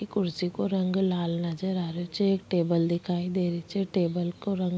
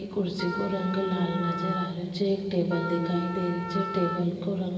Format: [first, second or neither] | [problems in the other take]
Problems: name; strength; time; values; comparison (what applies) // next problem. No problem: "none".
first | background sound (Wind instrument, woodwind instrument); 8 dB below the speech // room echo; dies away in 2.6 s